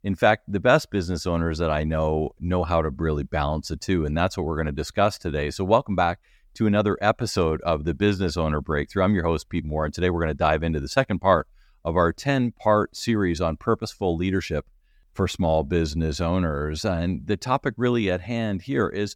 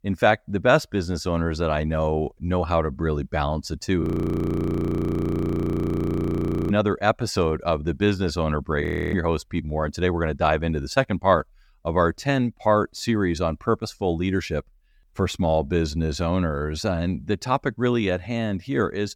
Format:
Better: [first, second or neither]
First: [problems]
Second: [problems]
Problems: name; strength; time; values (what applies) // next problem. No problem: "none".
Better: first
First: none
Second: audio freezing; at 4 s for 2.5 s and at 9 s